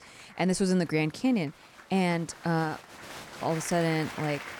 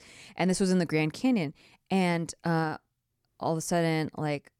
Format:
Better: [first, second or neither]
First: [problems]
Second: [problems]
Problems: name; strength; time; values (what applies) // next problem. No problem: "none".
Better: second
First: crowd noise; noticeable; throughout; 15 dB below the speech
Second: none